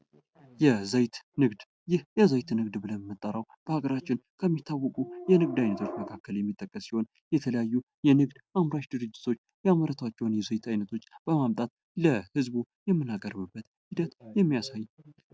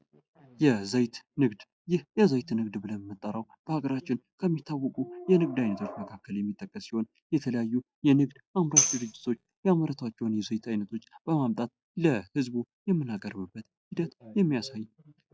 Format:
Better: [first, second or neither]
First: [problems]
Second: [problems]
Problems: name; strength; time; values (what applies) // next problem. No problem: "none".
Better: first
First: none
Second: noise reduction (classical method log-MMSE)